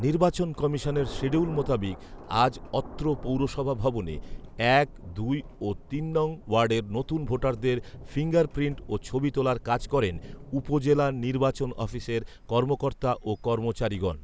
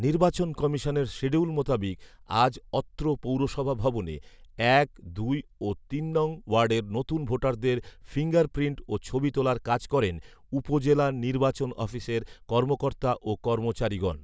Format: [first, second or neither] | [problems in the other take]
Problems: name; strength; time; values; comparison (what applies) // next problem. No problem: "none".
second | background sound (Thunder); 15 dB below the speech